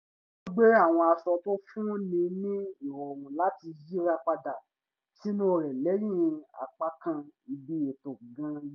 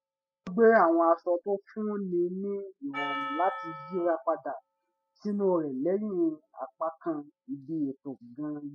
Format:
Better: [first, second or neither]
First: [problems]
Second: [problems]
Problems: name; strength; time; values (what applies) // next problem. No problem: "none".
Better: first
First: none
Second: noise reduction (classical method spectral subtraction)